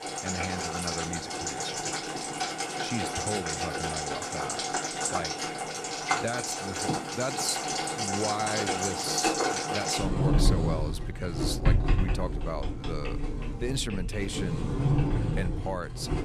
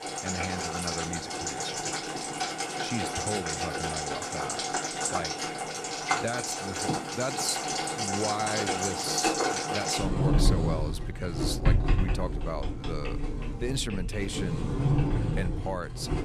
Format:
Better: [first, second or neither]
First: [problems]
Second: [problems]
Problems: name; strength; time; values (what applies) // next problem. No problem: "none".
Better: neither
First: household noises; very loud; throughout; 5 dB above the speech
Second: household noises; very loud; throughout; 5 dB above the speech